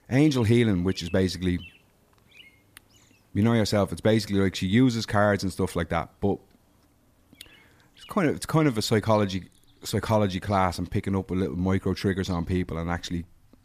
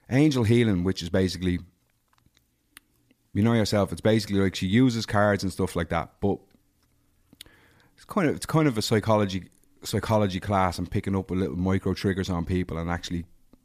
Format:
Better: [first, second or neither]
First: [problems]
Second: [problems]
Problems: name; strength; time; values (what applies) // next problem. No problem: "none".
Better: second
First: animal sounds; faint; throughout; 30 dB below the speech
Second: none